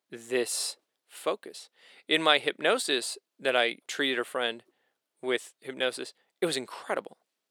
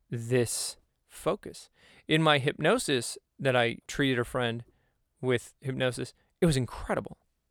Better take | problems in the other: second | thin; somewhat; fading below 300 Hz

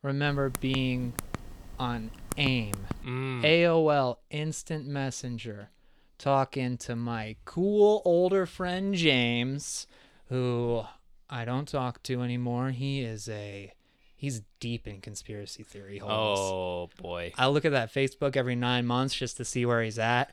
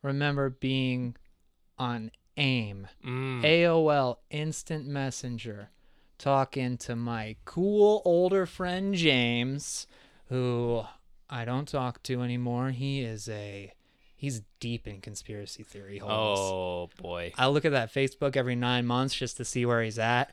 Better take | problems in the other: second | keyboard typing; noticeable; until 3 s; peak 9 dB below the speech

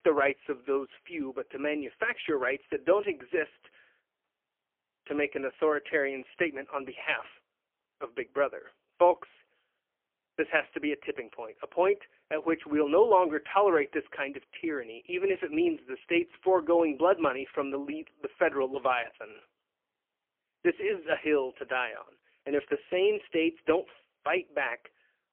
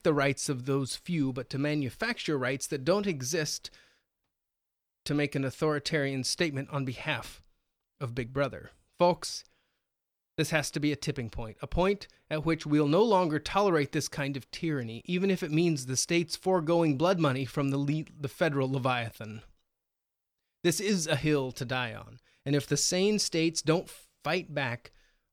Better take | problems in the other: second | phone-call audio; poor line; nothing above 3 kHz

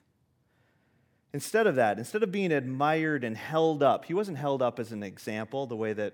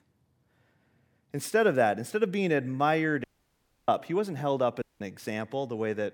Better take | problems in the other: first | audio cutting out; at 3 s for 0.5 s and at 5 s

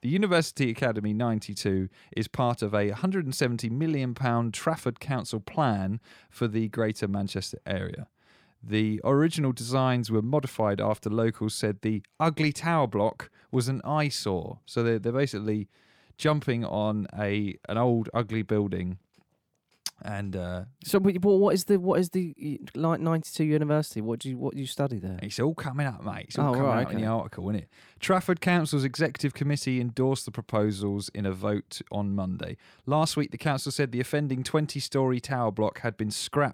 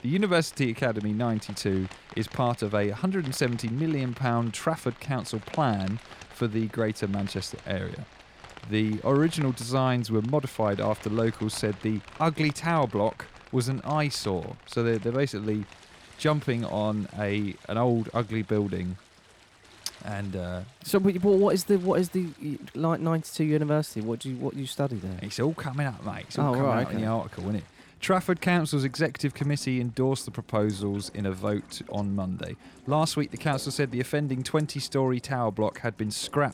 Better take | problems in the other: first | rain or running water; faint; throughout; 20 dB below the speech

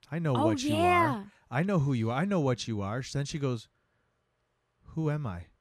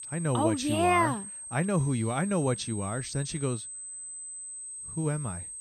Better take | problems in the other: first | high-pitched whine; loud; throughout; 8.5 kHz, 9 dB below the speech

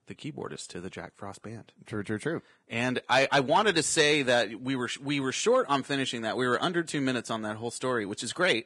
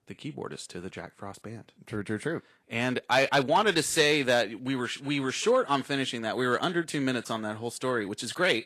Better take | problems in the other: second | garbled, watery; badly; slightly in the second

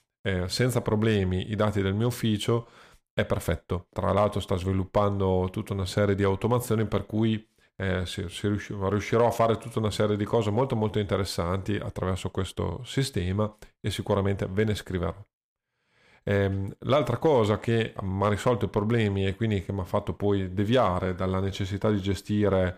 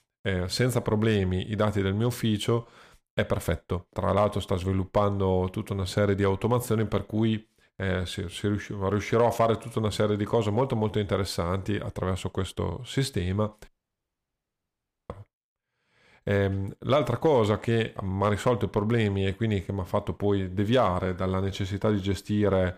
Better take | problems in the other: first | audio cutting out; at 14 s for 1.5 s

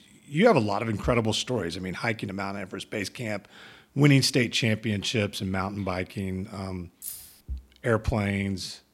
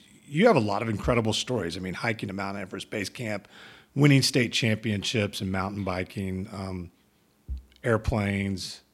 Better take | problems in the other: second | jangling keys; faint; at 7 s; peak 10 dB below the speech

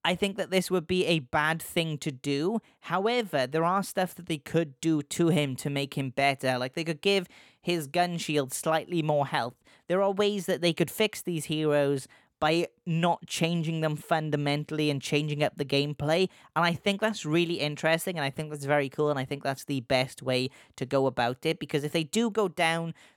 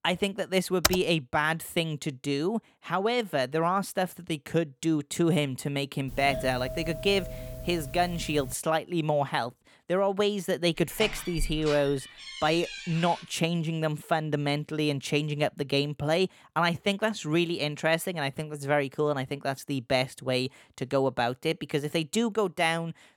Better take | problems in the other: first | keyboard typing; loud; at 1 s; peak 1 dB above the speech // doorbell; noticeable; from 6 to 8.5 s; peak 8 dB below the speech // door banging; noticeable; from 11 to 13 s; peak 8 dB below the speech

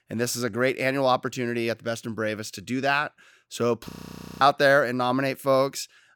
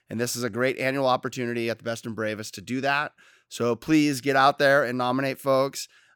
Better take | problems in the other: second | audio freezing; at 4 s for 0.5 s

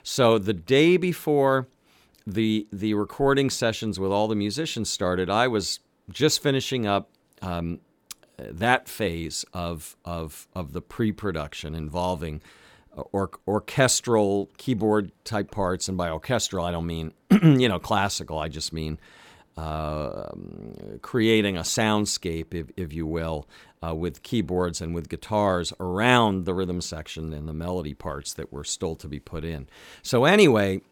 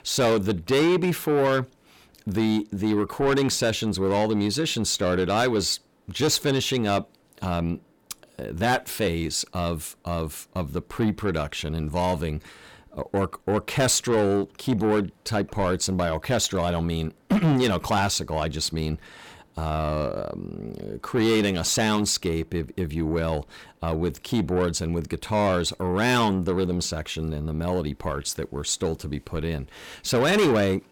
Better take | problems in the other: first | distortion; heavy; 7 dB below the speech

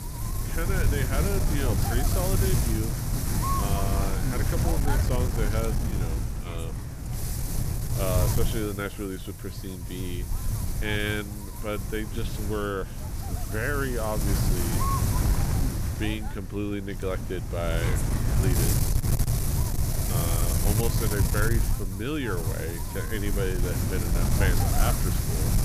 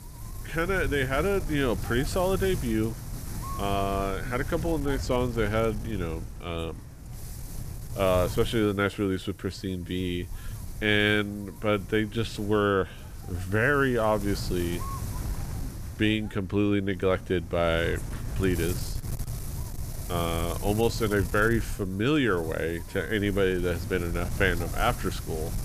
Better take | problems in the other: second | wind noise on the microphone; heavy; 1 dB below the speech; occasional gusts in the second

